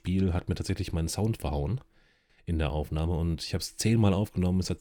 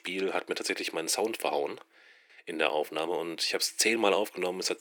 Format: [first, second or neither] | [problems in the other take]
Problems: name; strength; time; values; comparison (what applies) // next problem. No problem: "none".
first | thin; very; fading below 350 Hz